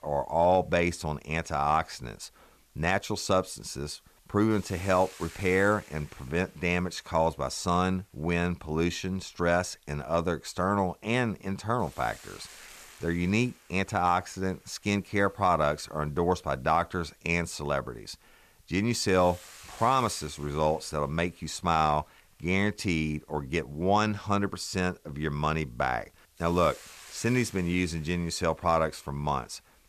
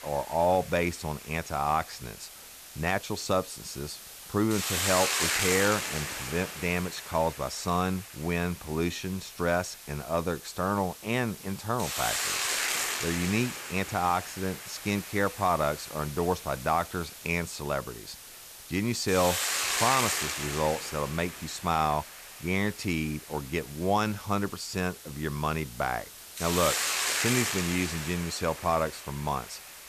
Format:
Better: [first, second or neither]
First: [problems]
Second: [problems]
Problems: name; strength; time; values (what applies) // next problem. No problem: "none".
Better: first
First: hiss; faint; throughout; 25 dB below the speech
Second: hiss; loud; throughout; 2 dB below the speech